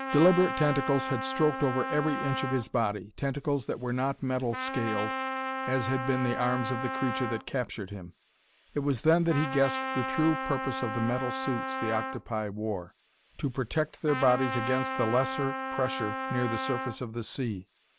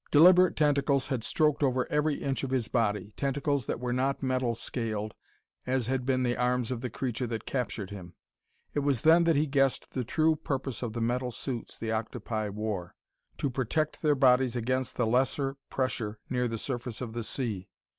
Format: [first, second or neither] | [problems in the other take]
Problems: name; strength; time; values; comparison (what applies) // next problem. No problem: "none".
second | background sound (Trumpet); 6 dB below the speech